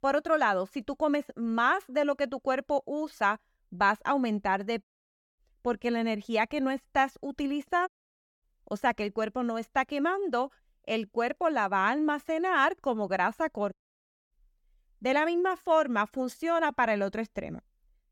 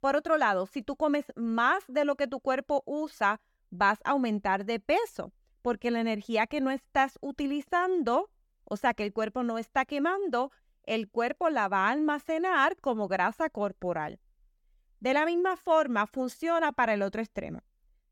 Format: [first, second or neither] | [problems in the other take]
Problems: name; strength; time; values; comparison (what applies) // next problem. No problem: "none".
second | audio cutting out; at 5 s for 0.5 s, at 8 s for 0.5 s and at 14 s for 0.5 s